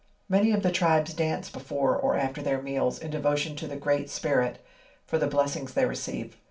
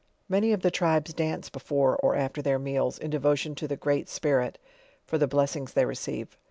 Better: second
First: room echo; dies away in 0.3 s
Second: none

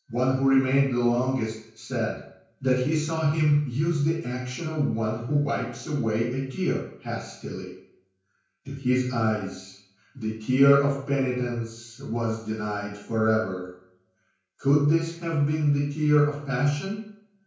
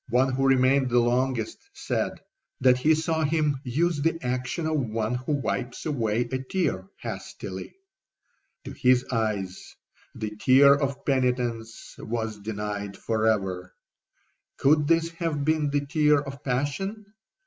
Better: second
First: room echo; dies away in 0.5 s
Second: none

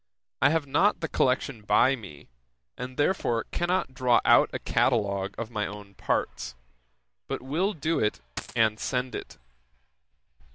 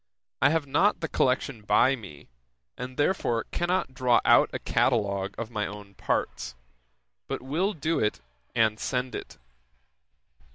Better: second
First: background sound (Coin (dropping)); 10 dB below the speech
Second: none

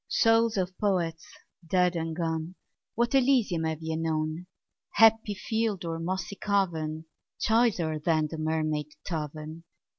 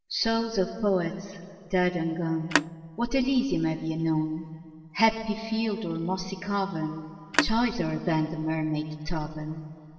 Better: first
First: none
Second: background sound (Telephone); 4 dB below the speech // room echo; dies away in 2.4 s

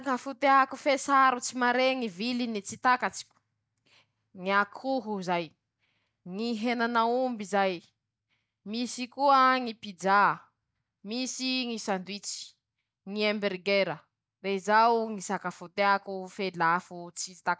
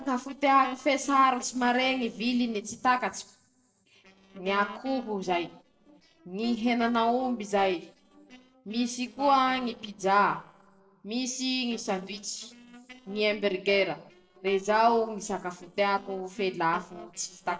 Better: first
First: none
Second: noise reduction (neural separator model SepFormer DNS4)

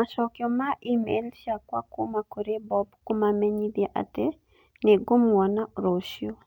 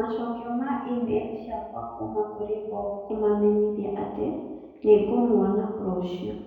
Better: first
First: none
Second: room echo; dies away in 1.2 s

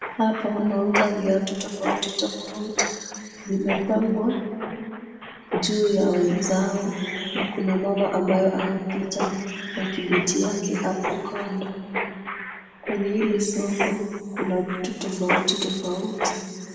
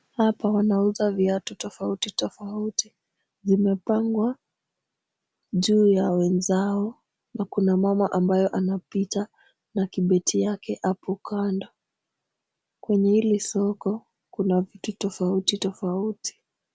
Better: second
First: background sound (Mechanisms); 7 dB below the speech // room echo; dies away in 2.2 s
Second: none

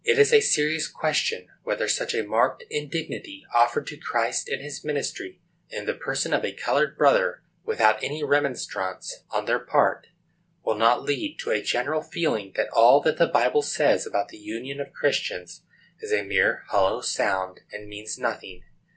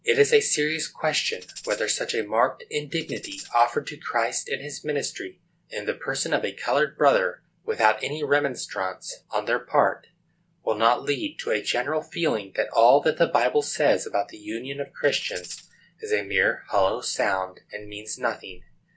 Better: first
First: none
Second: background sound (Tambourine); 17 dB below the speech

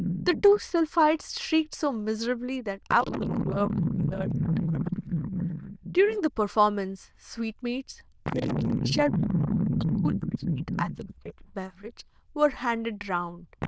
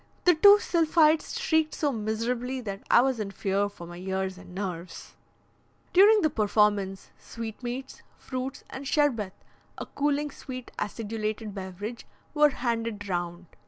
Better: second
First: noise reduction (neural diffusion model UNIVERSE++)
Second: none

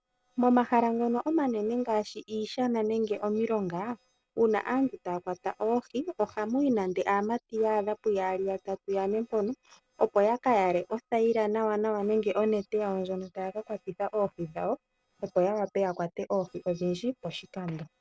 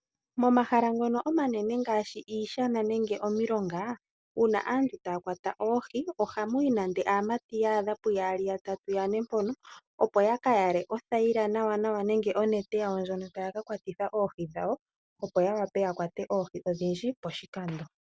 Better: second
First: noise reduction (neural separator model SepFormer DNS4)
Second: none

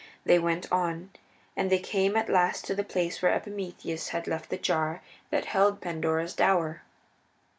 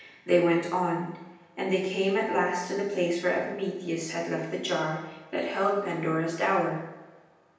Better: first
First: none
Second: room echo; dies away in 0.9 s

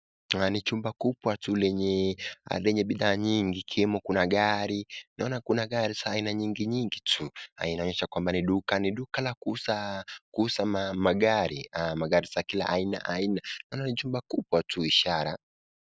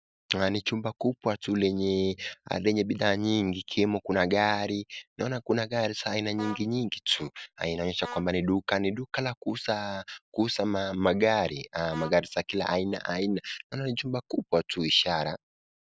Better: first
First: none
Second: background sound (Vehicle horn, car horn, honking); 18 dB below the speech

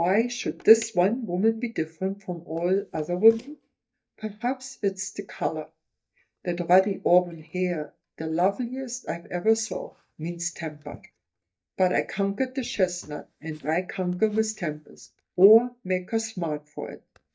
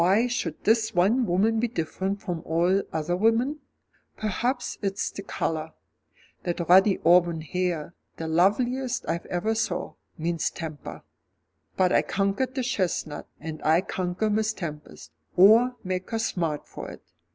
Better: second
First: noise reduction (neural mask model DeepFilterNet 3)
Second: none

